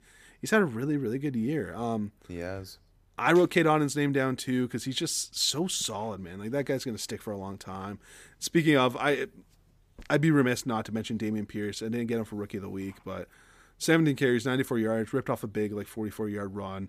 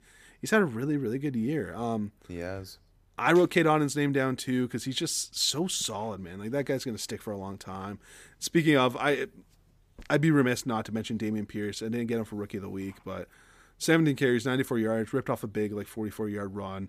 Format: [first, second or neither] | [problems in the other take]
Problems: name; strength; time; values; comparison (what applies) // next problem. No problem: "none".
neither | none